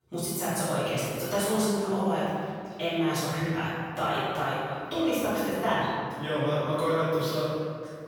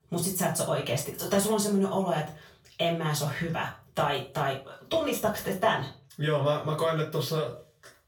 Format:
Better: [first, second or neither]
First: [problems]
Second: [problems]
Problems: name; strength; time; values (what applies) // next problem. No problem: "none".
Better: second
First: room echo; strong; dies away in 2 s // off-mic speech; far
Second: room echo; slight; dies away in 0.3 s // off-mic speech; far